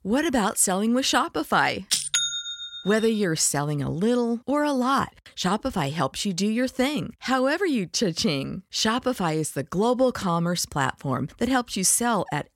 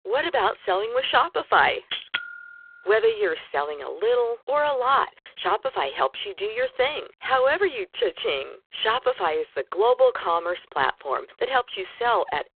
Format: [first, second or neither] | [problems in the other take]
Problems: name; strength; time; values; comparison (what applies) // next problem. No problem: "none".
first | phone-call audio; poor line